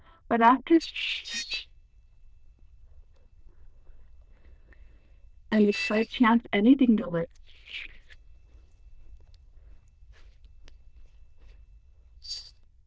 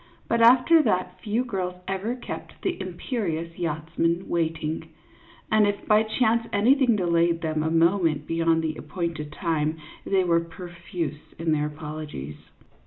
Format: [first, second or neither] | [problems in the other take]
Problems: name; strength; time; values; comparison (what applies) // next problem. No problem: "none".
second | noise reduction (neural diffusion model UNIVERSE++)